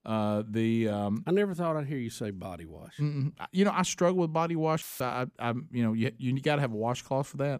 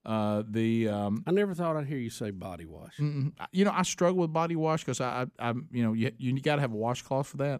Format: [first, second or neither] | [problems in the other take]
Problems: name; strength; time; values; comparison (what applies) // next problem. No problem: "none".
second | audio cutting out; filled with static; at 5 s